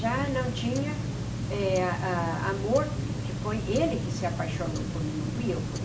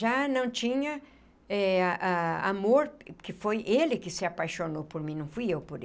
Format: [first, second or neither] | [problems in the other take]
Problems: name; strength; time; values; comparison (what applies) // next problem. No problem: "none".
second | background sound (Tick-tock); as loud as the speech // room echo; dies away in 0.4 s